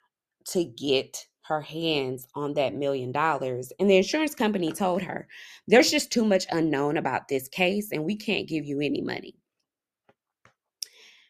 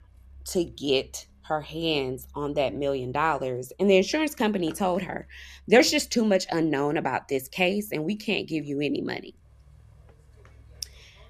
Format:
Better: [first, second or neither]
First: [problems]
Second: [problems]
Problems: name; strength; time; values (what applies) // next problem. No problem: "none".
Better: first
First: none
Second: traffic noise; faint; throughout; 30 dB below the speech